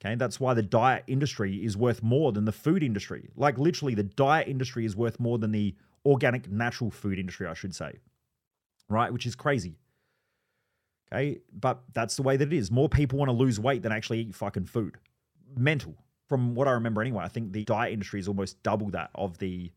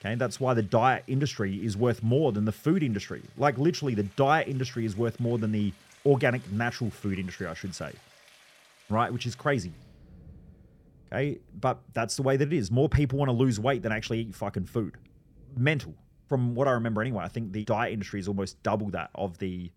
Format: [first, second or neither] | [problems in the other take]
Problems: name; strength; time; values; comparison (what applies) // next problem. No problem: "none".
first | rain or running water; faint; throughout; 30 dB below the speech